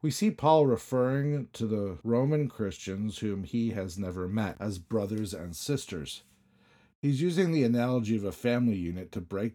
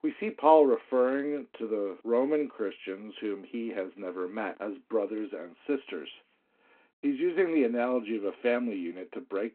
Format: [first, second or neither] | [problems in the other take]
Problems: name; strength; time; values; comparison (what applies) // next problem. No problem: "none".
first | phone-call audio